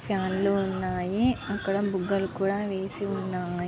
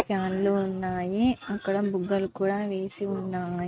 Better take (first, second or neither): first